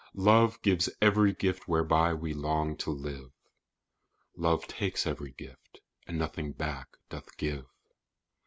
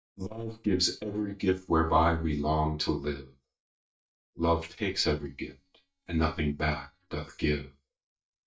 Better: first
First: none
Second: noise reduction (neural mask model DeepFilterNet 3)

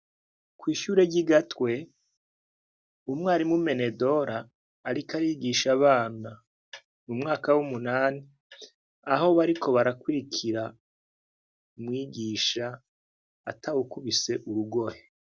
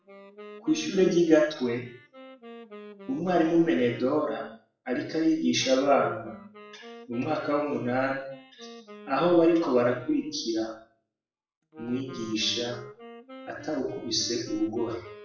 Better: first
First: none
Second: noise reduction (classical method WPE with log-MMSE)

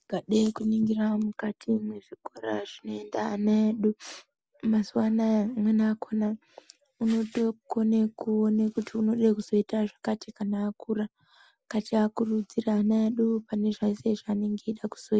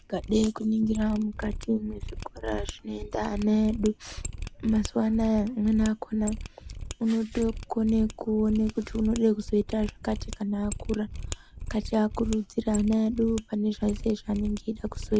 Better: first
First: none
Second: background sound (Mechanisms); 10 dB below the speech

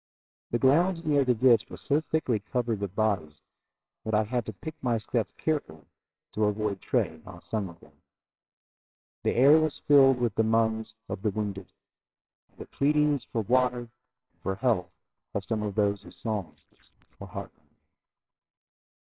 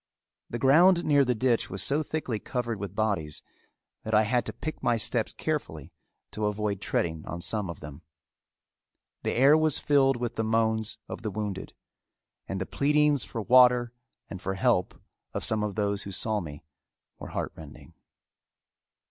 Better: second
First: noise reduction (neural separator model SepFormer WHAMR!)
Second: none

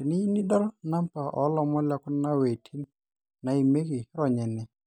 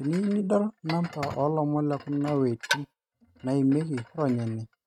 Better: first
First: none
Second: noise reduction (neural mask model RNNoise)

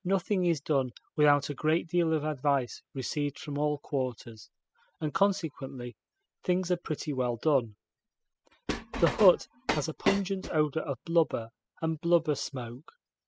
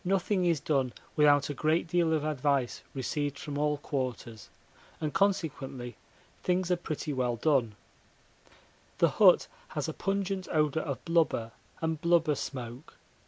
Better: second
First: noise reduction (classical method spectral subtraction)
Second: none

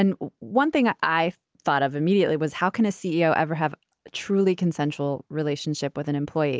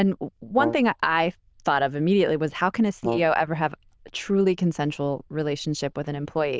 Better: first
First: none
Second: noise reduction (neural diffusion model UNIVERSE++)

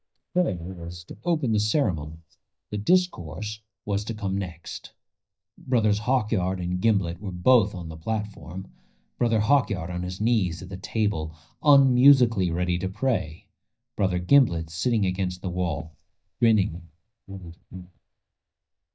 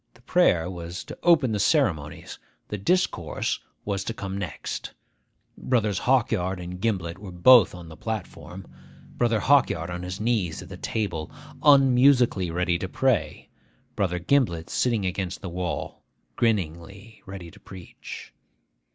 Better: second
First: noise reduction (neural mask model DeepFilterNet 3)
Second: none

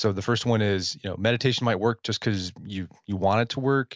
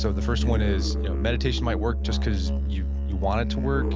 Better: first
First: none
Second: background sound (Musical instrument); 4 dB above the speech

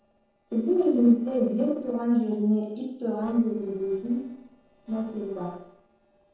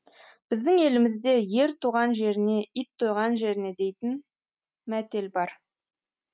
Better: second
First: noise reduction (neural separator model SepFormer DNS4)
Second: none

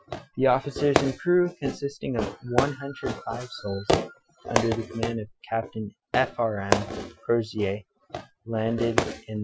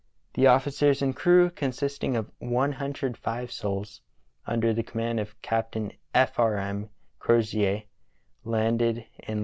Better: second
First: noise reduction (classical method Wiener filter)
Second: none

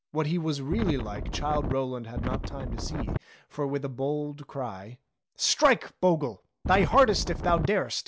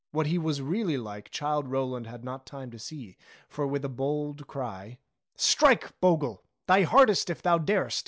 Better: second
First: background sound (Wind); 3 dB below the speech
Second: none

